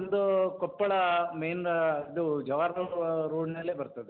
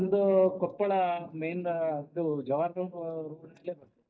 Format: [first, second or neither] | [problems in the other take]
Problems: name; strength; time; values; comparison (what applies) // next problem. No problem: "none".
first | noise reduction (neural mask model DeepFilterNet 3)